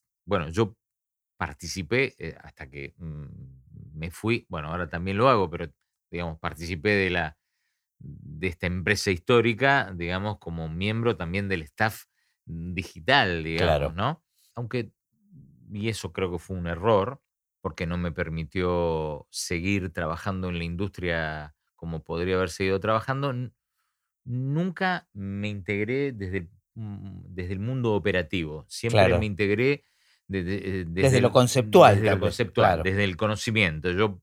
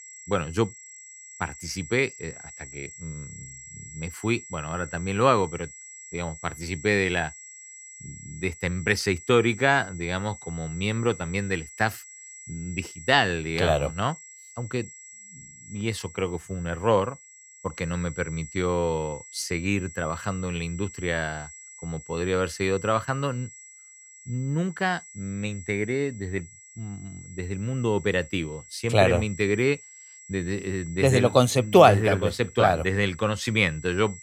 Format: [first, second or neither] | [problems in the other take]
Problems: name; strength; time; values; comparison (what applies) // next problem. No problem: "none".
first | high-pitched whine; noticeable; throughout; 7.5 kHz, 15 dB below the speech